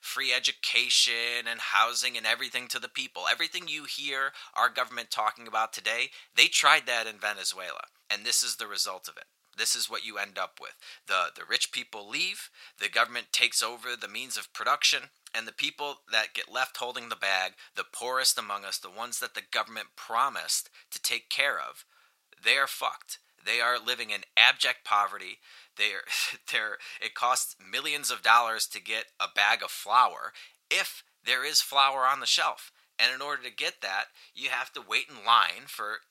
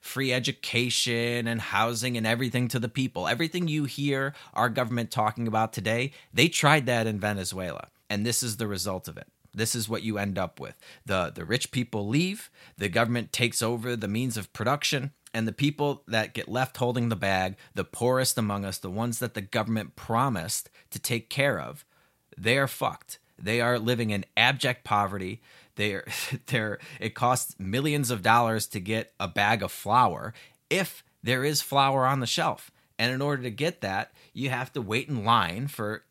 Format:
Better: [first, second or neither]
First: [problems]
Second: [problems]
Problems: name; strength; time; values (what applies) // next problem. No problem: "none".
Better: second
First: thin; very; fading below 750 Hz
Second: none